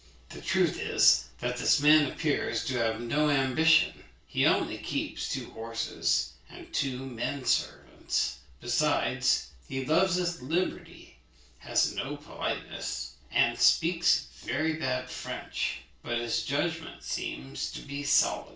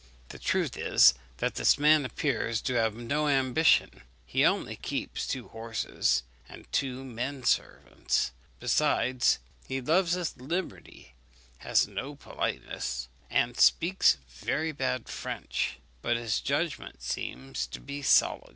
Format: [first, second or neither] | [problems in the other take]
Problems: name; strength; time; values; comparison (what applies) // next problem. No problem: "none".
second | room echo; dies away in 0.3 s